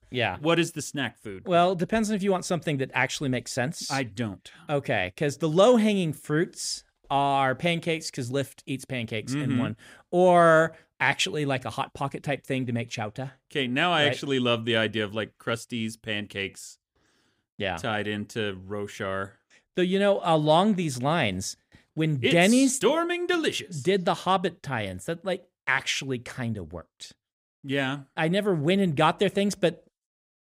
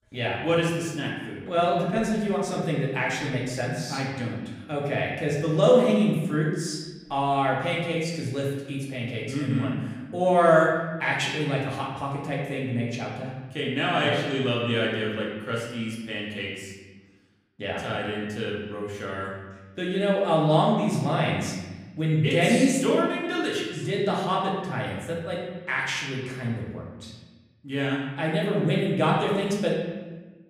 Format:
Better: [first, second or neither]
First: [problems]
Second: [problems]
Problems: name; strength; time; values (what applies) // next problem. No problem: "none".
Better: first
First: none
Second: room echo; noticeable; dies away in 1.2 s // off-mic speech; far